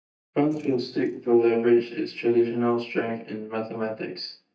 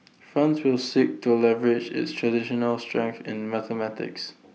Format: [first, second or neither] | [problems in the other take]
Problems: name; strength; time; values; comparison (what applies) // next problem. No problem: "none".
second | noise reduction (neural mask model DeepFilterNet 3)